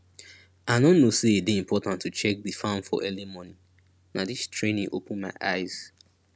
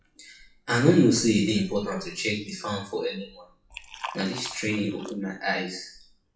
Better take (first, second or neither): first